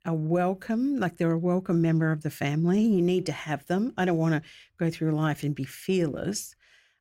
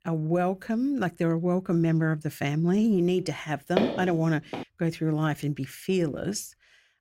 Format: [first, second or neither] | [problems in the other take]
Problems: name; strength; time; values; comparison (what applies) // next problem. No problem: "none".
first | footsteps; noticeable; at 4 s; peak 2 dB below the speech